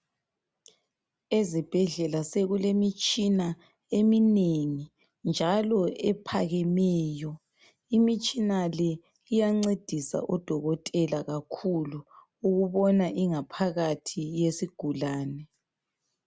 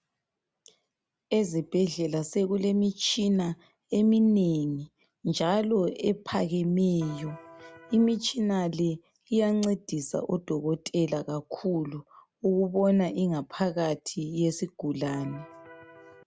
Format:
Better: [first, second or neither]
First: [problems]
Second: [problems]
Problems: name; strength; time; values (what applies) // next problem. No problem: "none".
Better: first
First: none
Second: background sound (Electric guitar); 20 dB below the speech